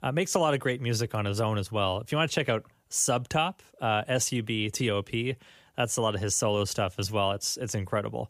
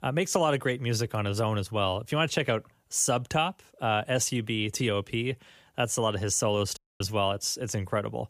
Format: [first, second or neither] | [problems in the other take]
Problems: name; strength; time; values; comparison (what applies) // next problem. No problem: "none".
first | audio cutting out; at 7 s